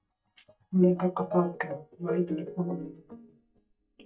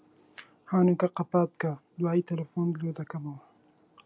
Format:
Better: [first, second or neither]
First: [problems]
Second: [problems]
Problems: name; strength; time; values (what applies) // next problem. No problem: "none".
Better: second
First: noise reduction (neural mask model DeepFilterNet 3)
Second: none